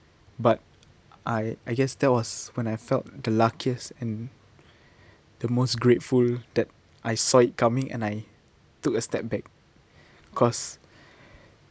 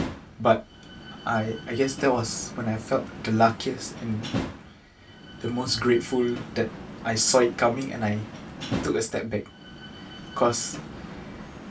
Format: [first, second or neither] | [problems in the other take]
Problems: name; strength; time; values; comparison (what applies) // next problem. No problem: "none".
first | background sound (Slam); 11 dB below the speech // room echo; dies away in 0.2 s